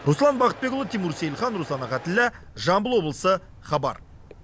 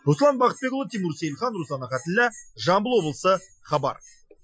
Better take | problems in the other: first | noise reduction (classical method Wiener filter)

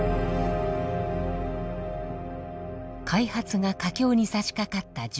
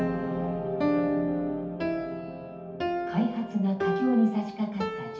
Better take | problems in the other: first | background sound (Piano); 2 dB below the speech // room echo; dies away in 0.6 s

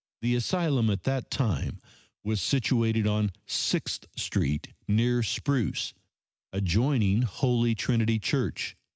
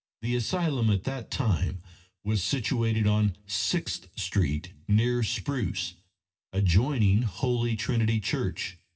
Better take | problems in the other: first | room echo; dies away in 0.2 s

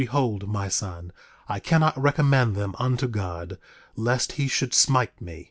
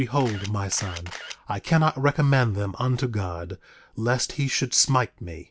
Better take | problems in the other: first | background sound (Camera); 13 dB below the speech

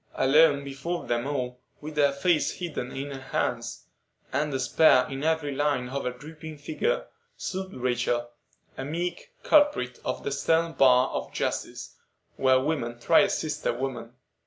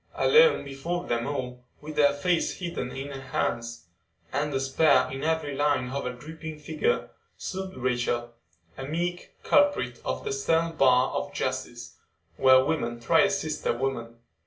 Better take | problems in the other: first | room echo; dies away in 0.2 s

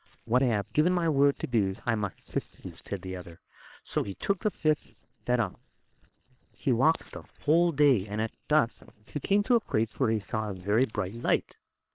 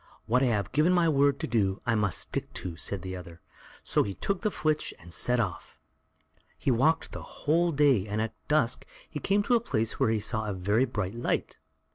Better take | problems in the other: second | noise reduction (neural separator model SepFormer WHAM!)

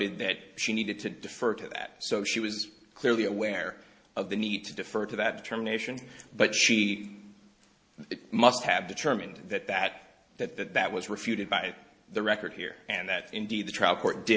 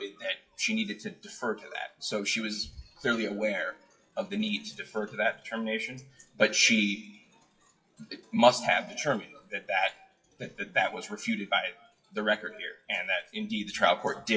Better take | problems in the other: first | noise reduction (classical method WPE with log-MMSE)

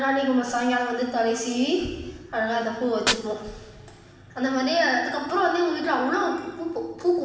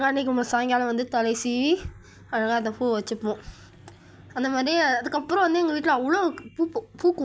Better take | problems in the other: second | background sound (Fire); 14 dB below the speech // room echo; dies away in 1.2 s

